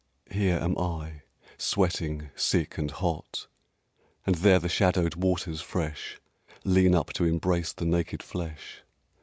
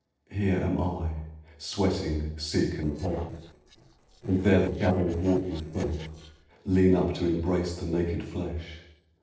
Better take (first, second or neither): first